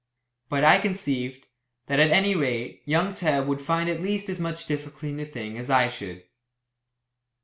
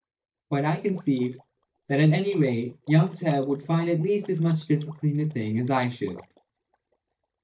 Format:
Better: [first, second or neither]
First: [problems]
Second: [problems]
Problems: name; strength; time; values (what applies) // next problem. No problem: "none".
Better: first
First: none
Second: noise reduction (neural mask model DeepFilterNet 3)